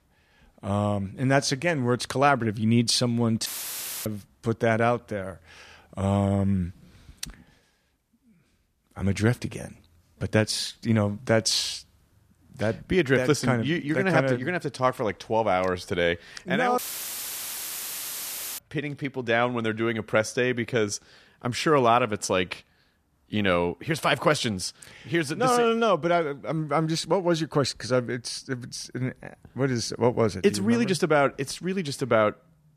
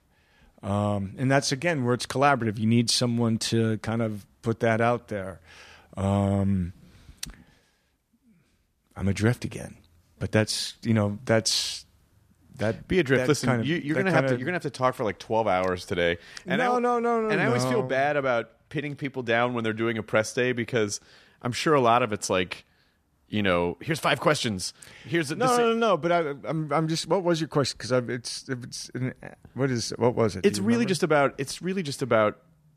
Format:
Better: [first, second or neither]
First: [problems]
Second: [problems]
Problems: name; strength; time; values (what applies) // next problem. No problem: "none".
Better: second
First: audio cutting out; filled with static; at 3.5 s for 0.5 s and at 17 s for 2 s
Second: none